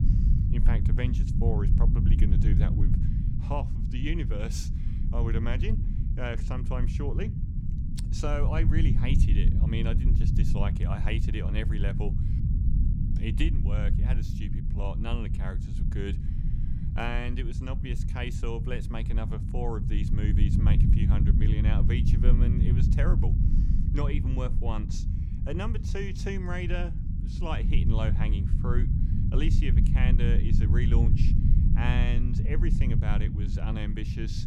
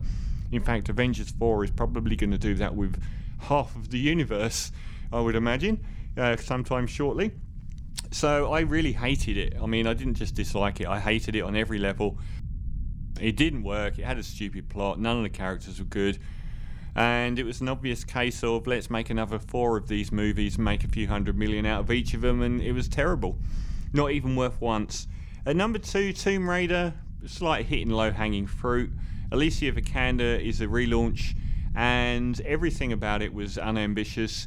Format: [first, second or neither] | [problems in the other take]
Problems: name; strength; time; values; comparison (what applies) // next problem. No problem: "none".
second | low rumble; loud; throughout; 3 dB below the speech; faint in the second